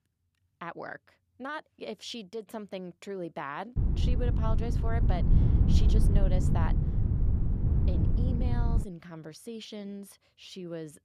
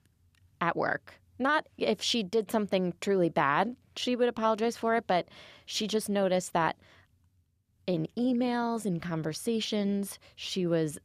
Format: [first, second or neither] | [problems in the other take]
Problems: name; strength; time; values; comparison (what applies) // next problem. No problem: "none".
second | wind noise on the microphone; heavy; from 4 to 9 s; 1 dB below the speech